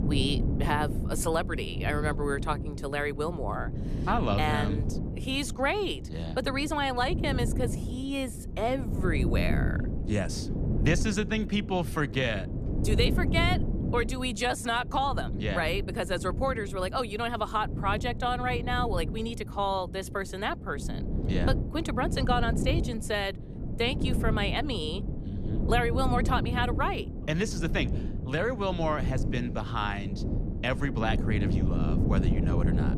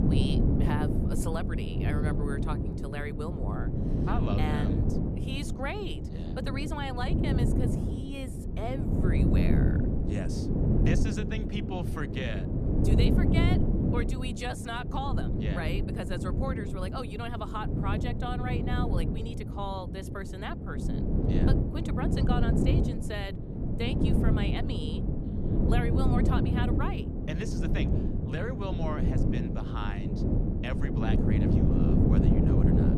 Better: first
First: wind noise on the microphone; occasional gusts; 10 dB below the speech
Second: wind noise on the microphone; heavy; 1 dB above the speech

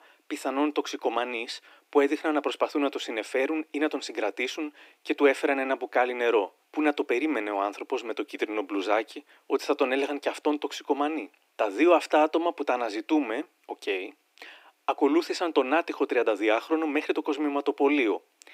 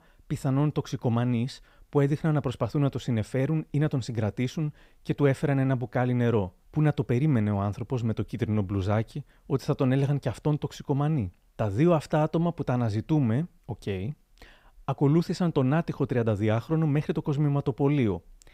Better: second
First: thin; somewhat; fading below 300 Hz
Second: none

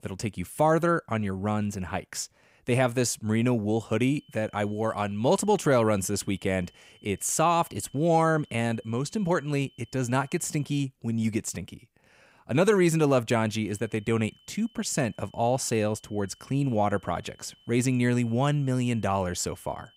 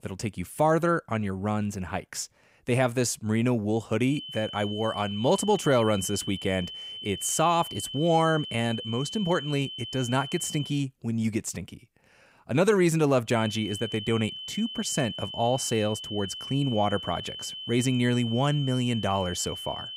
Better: first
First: high-pitched whine; faint; from 4 to 11 s and from 13 s on; 3 kHz, 30 dB below the speech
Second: high-pitched whine; loud; from 4 to 11 s and from 13 s on; 3 kHz, 9 dB below the speech

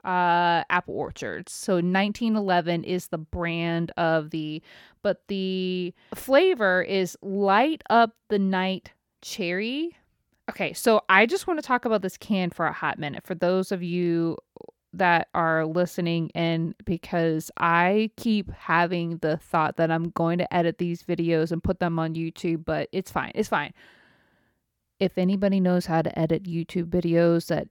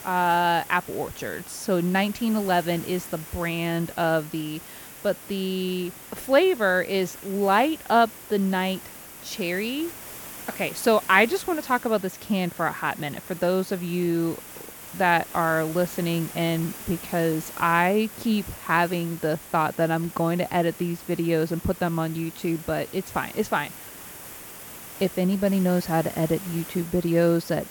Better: first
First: none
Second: hiss; noticeable; throughout; 15 dB below the speech

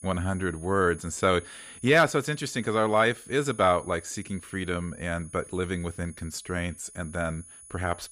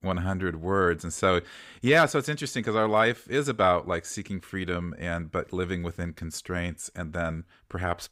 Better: second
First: high-pitched whine; noticeable; throughout; 10 kHz, 20 dB below the speech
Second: none

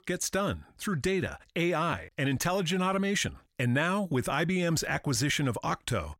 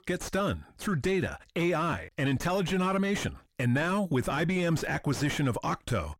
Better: first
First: none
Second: distortion; slight; 8 dB below the speech

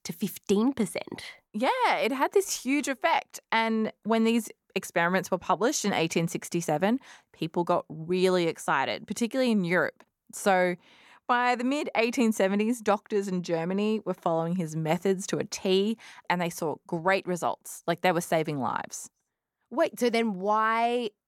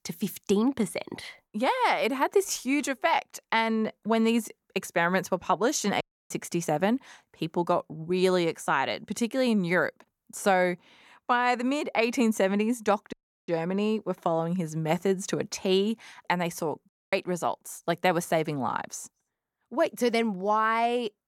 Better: first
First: none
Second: audio cutting out; at 6 s, at 13 s and at 17 s

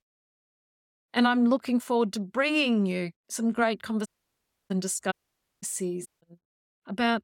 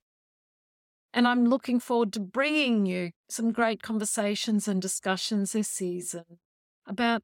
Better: second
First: audio cutting out; at 4 s for 0.5 s, at 5 s for 0.5 s and at 6 s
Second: none

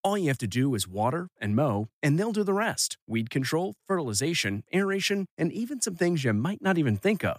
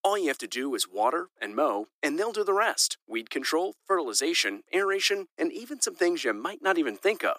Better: first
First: none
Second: thin; very; fading below 300 Hz

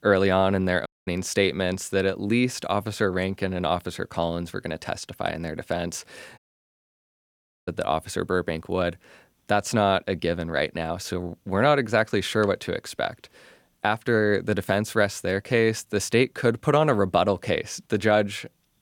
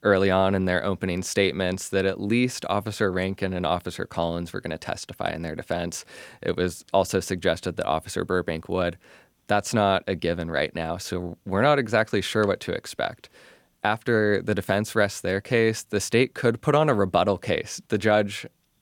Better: second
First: audio cutting out; at 1 s and at 6.5 s for 1.5 s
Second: none

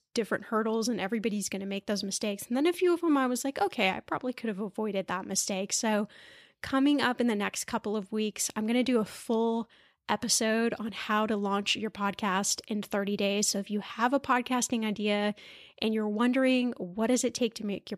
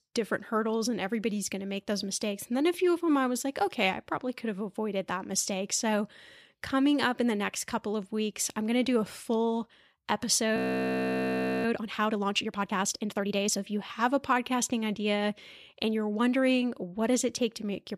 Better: first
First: none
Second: audio freezing; at 11 s for 1 s

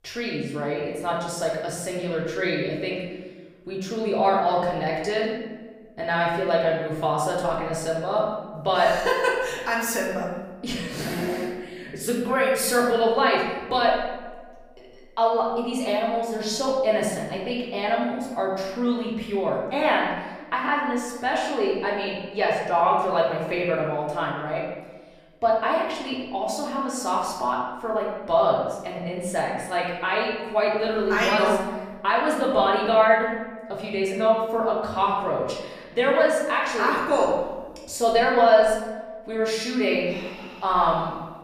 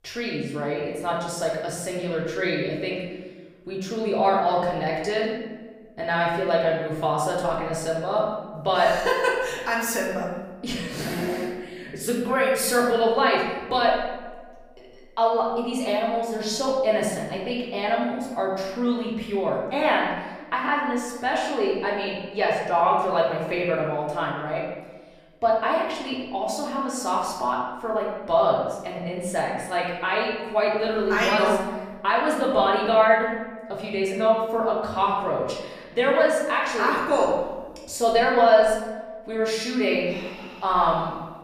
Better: neither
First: room echo; noticeable; dies away in 1 s // off-mic speech; far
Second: room echo; noticeable; dies away in 1 s // off-mic speech; far

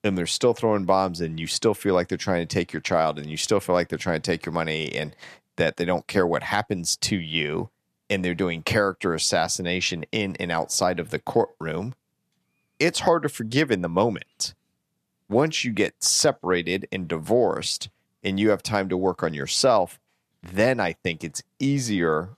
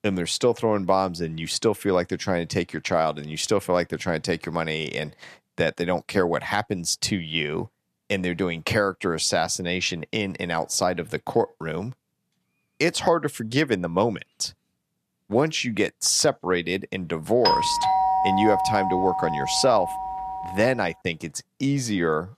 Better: first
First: none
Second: doorbell; loud; from 17 to 21 s; peak 4 dB above the speech

